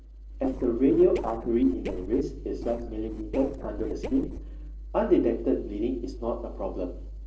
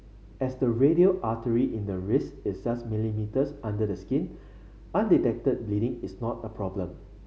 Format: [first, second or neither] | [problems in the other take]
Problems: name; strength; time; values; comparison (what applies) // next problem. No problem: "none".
second | noise reduction (neural separator model SepFormer DNS4)